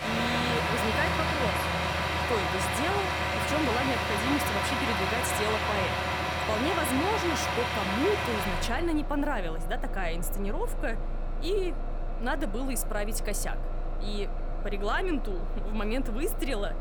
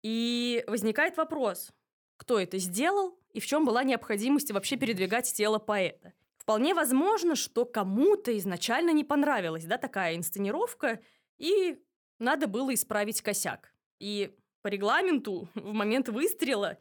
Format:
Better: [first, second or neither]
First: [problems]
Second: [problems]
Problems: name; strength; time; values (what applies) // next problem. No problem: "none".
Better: second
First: traffic noise; very loud; throughout; 2 dB above the speech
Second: none